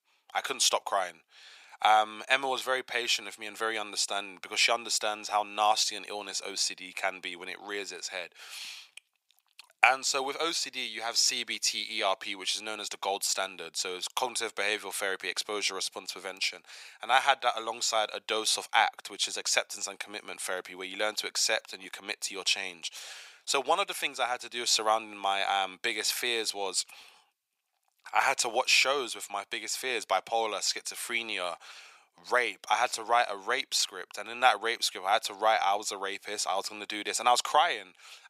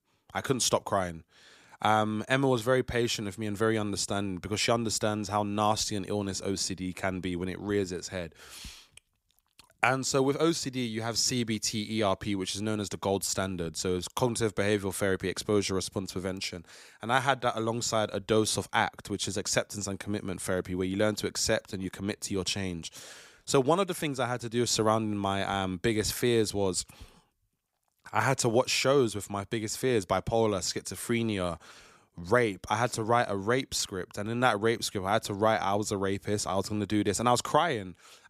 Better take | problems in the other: second | thin; very; fading below 700 Hz

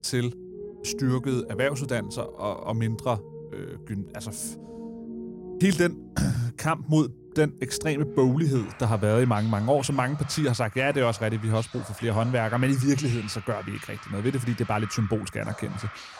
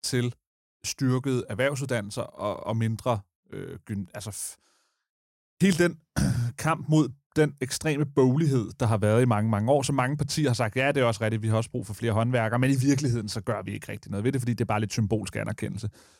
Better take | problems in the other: second | background music; noticeable; throughout; 15 dB below the speech

